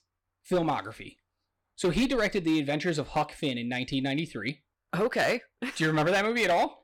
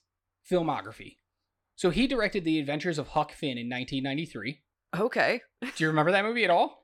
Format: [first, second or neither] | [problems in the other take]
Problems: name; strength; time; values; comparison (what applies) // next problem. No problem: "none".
second | distortion; slight; 6% of the sound clipped